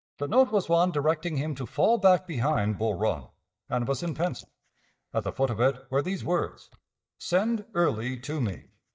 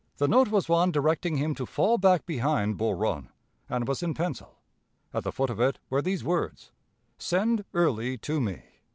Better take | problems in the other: second | noise reduction (neural mask model DeepFilterNet 3)

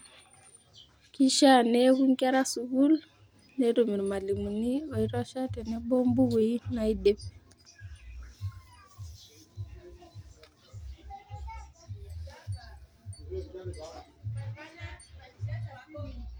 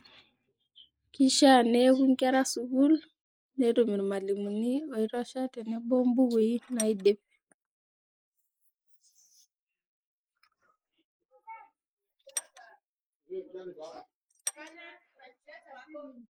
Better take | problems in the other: first | noise reduction (neural mask model Resemble Enhance denoiser)

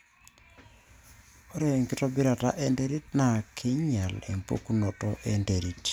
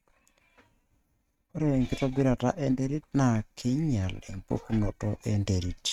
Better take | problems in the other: first | noise reduction (neural mask model RNNoise)

